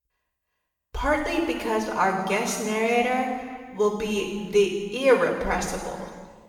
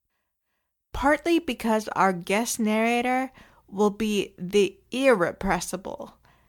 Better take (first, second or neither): second